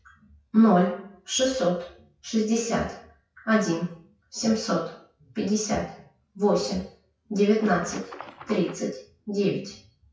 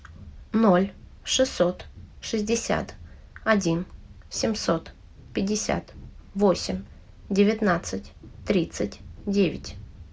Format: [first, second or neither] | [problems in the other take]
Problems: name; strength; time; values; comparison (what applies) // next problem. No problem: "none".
second | noise reduction (classical method WPE with log-MMSE)